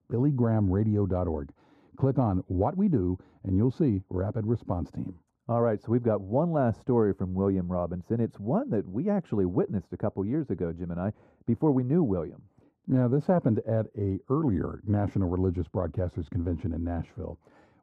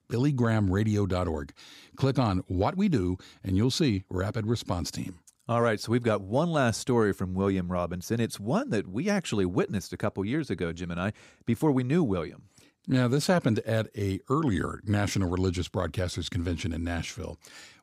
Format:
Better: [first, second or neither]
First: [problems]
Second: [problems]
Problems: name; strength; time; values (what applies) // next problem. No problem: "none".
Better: second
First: muffled; very; fading above 1.5 kHz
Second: none